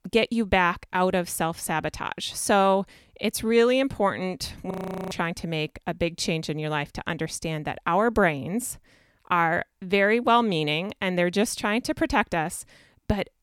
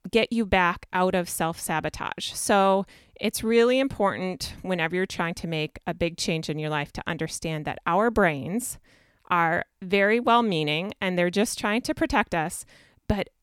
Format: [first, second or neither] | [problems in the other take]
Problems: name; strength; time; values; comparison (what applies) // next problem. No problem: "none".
second | audio freezing; at 4.5 s